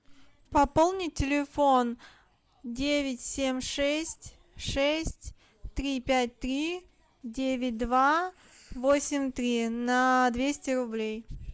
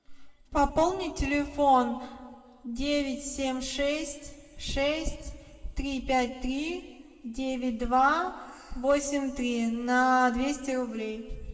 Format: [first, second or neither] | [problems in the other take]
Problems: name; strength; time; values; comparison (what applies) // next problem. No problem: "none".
first | room echo; dies away in 1.4 s